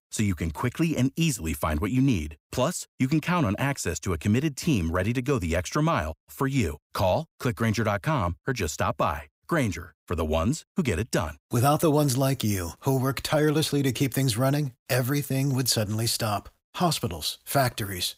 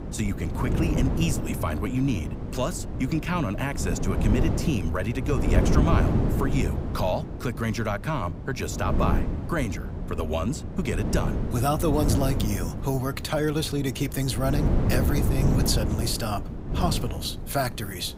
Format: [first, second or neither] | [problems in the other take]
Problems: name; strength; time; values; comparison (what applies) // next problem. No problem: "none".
first | wind noise on the microphone; heavy; 6 dB below the speech